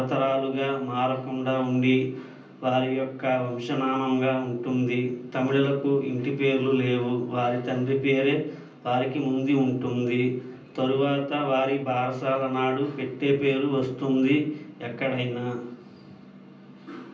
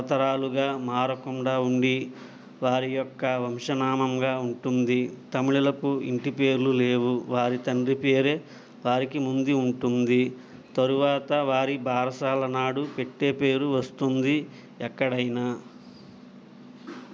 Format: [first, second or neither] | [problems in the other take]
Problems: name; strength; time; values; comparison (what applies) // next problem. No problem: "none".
second | room echo; dies away in 0.6 s